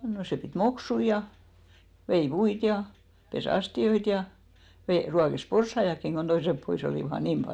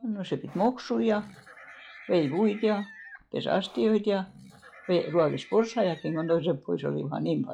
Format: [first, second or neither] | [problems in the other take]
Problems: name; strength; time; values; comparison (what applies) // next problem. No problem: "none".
first | noise reduction (classical method log-MMSE)